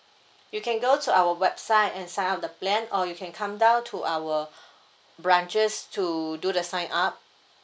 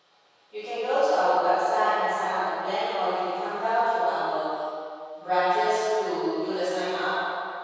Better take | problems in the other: first | room echo; dies away in 2.2 s

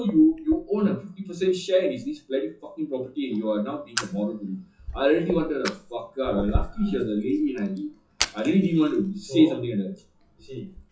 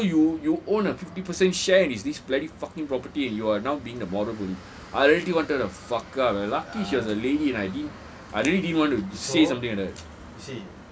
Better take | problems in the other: second | noise reduction (classical method WPE with log-MMSE)

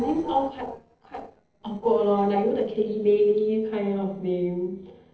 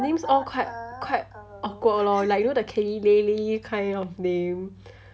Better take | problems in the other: second | noise reduction (neural separator model SepFormer DNS4)

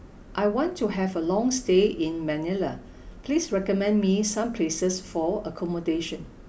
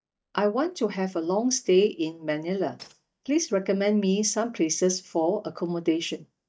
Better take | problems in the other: first | noise reduction (neural mask model DeepFilterNet 3)

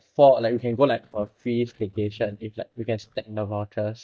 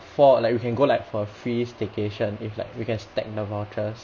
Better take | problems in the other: second | noise reduction (neural mask model DeepFilterNet 3)

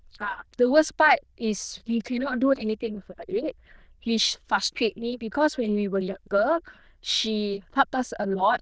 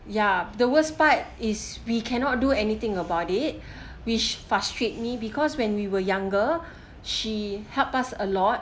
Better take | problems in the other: second | noise reduction (neural diffusion model UNIVERSE++)

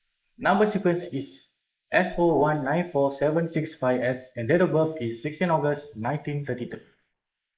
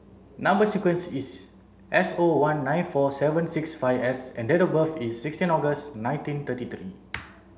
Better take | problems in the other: second | noise reduction (neural mask model Resemble Enhance denoiser)

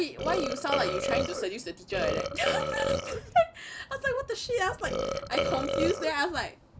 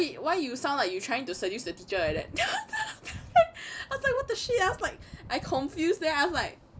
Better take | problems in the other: second | background sound (Burping, eructation); as loud as the speech

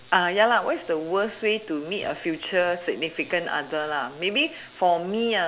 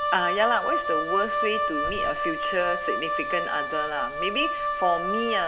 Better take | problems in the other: first | background sound (Wind instrument, woodwind instrument); 1 dB above the speech

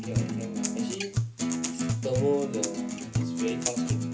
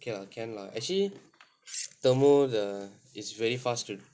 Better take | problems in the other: second | background sound (Acoustic guitar); 4 dB above the speech // room echo; dies away in 0.3 s

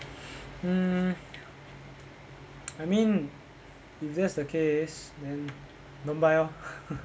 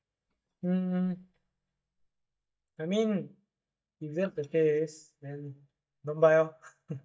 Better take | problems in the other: first | noise reduction (neural mask model DeepFilterNet 3)

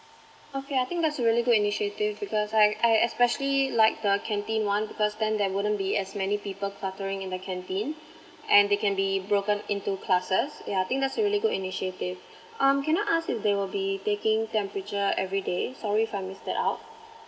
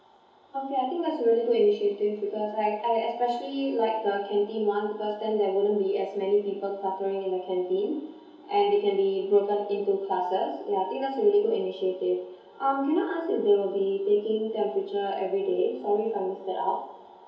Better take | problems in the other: first | room echo; dies away in 2.8 s

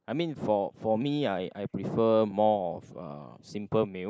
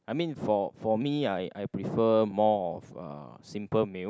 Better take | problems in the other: second | noise reduction (neural mask model Resemble Enhance denoiser)

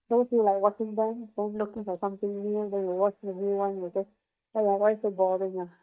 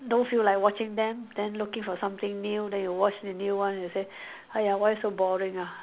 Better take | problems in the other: second | noise reduction (neural mask model DeepFilterNet 3)

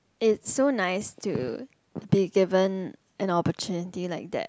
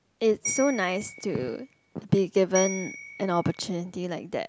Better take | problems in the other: first | background sound (Bell); 11 dB below the speech

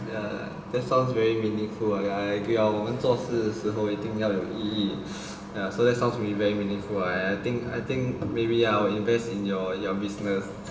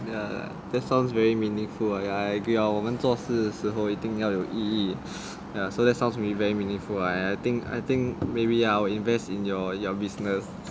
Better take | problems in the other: second | room echo; dies away in 1.2 s

